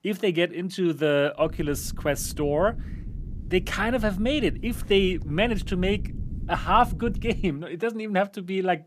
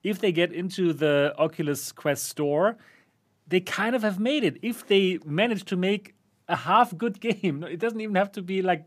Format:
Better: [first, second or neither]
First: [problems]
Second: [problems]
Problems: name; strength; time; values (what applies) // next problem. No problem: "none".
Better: second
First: low rumble; faint; from 1.5 to 7.5 s; 25 dB below the speech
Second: none